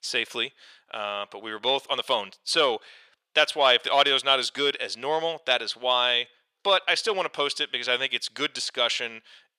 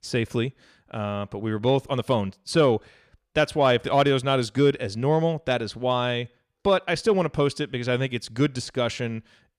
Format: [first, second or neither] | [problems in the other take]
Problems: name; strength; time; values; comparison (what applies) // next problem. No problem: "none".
second | thin; very; fading below 700 Hz